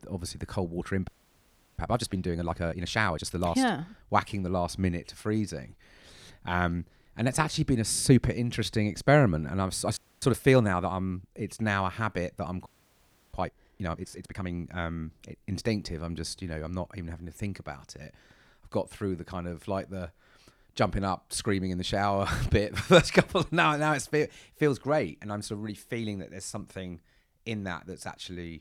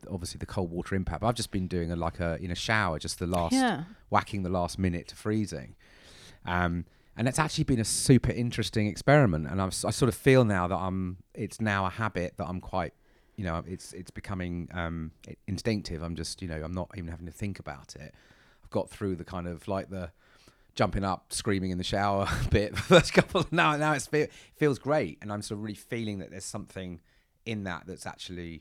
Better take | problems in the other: second | audio freezing; at 1 s for 0.5 s, at 10 s and at 13 s for 0.5 s

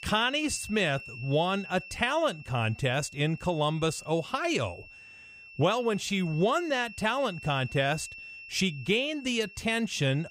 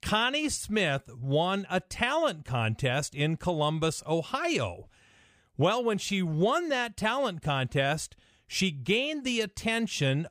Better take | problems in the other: second | high-pitched whine; noticeable; throughout; 2.5 kHz, 15 dB below the speech

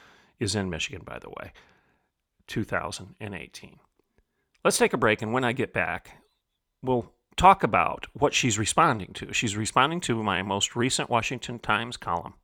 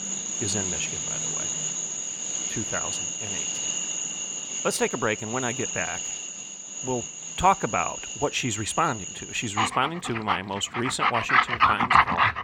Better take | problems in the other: first | animal sounds; very loud; throughout; 2 dB above the speech

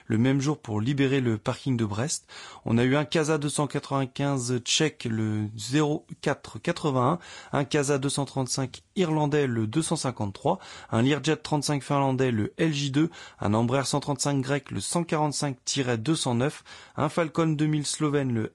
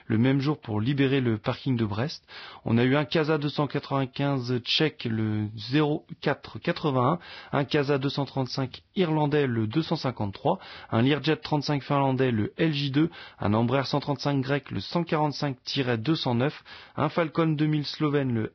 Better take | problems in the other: first | garbled, watery; badly; nothing above 5.5 kHz; slightly in the first

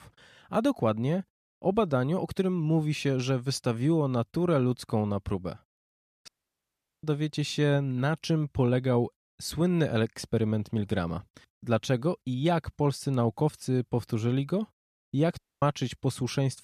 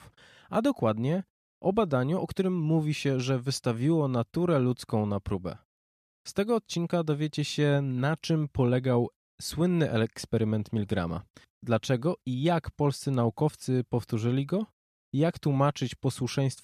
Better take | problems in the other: second | audio cutting out; at 6.5 s for 1 s and at 15 s

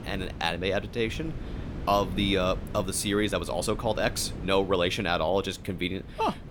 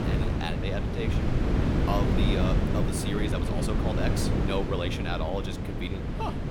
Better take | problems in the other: first | wind noise on the microphone; heavy; as loud as the speech; occasional gusts in the first

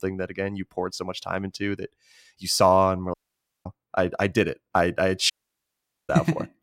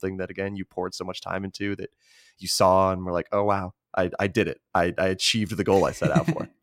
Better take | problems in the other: second | audio cutting out; at 3 s for 0.5 s and at 5.5 s for 1 s

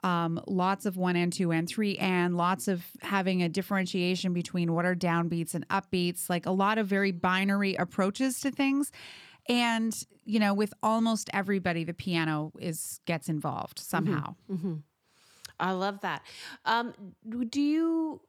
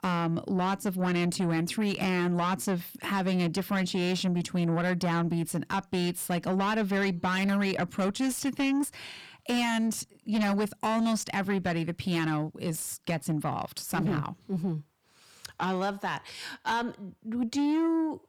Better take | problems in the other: first | distortion; slight; 10 dB below the speech

